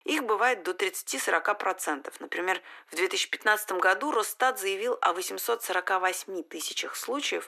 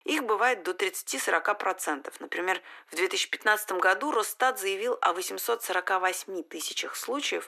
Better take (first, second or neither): neither